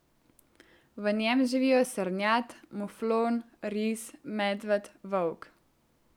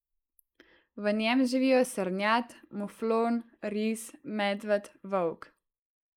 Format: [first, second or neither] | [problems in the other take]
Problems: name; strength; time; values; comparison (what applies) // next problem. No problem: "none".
first | noise reduction (neural mask model Resemble Enhance denoiser)